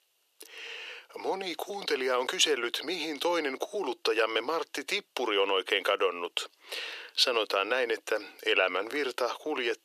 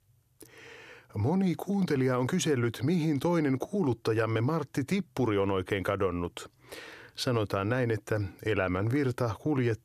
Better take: second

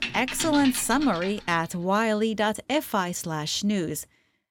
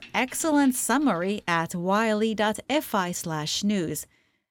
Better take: second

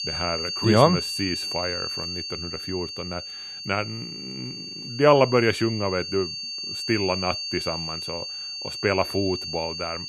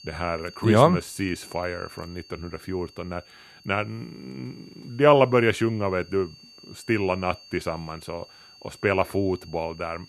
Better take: second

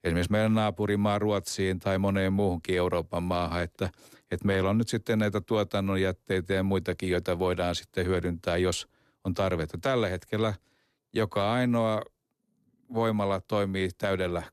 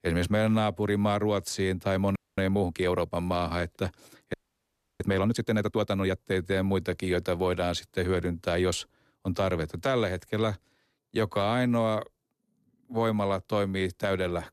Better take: first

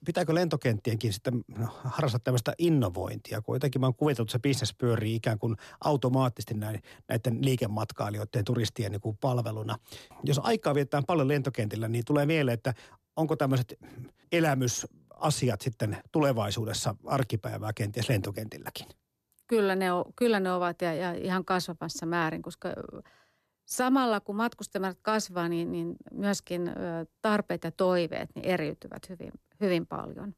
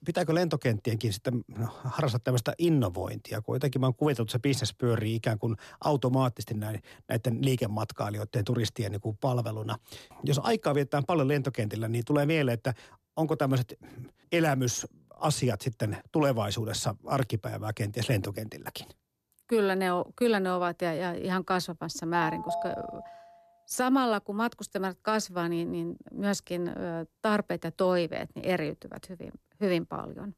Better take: first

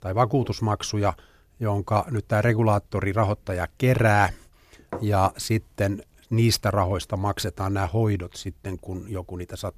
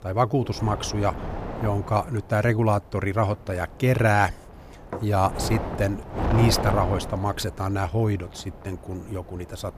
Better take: first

